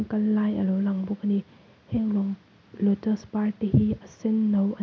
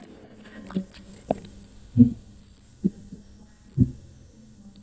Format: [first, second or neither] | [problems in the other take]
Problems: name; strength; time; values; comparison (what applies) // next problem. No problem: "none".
first | noise reduction (neural mask model DeepFilterNet 3)